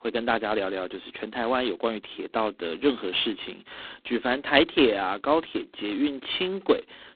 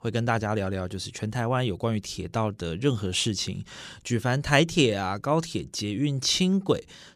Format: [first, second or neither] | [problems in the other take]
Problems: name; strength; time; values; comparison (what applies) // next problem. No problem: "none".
second | phone-call audio; poor line; nothing above 3.5 kHz